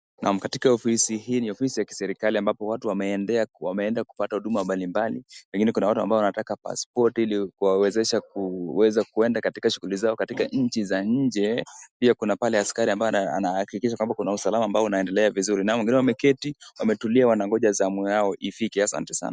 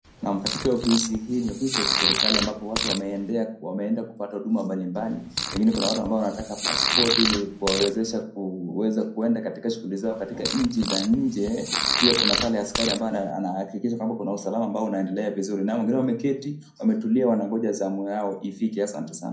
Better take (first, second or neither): first